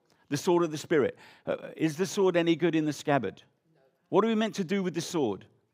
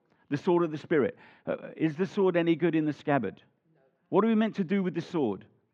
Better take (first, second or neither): first